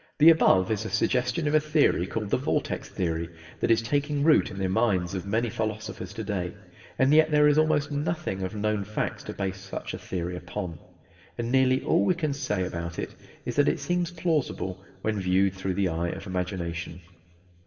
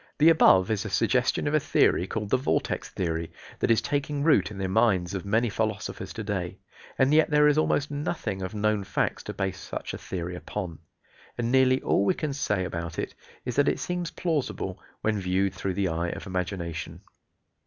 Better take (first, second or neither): second